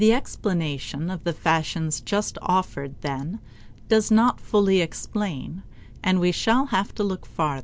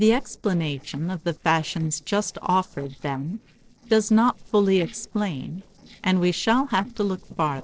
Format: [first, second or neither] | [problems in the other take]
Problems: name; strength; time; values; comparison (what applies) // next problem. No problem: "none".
first | noise reduction (neural separator model SepFormer DNS4)